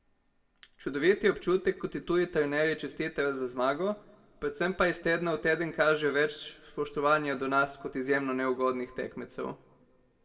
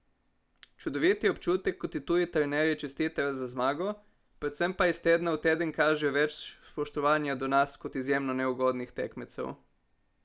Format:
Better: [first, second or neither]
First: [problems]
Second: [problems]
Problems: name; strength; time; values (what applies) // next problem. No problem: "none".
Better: second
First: room echo; dies away in 0.8 s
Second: none